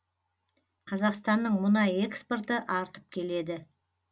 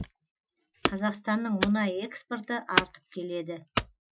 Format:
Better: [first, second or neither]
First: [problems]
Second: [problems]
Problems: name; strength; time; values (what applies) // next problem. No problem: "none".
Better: first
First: none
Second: noise reduction (classical method Wiener filter)